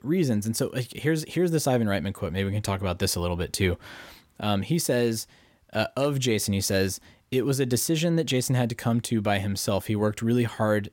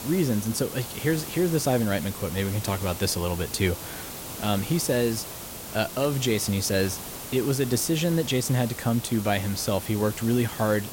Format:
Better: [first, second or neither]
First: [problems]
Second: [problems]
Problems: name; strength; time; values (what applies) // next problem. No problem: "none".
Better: first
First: none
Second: hiss; loud; throughout; 10 dB below the speech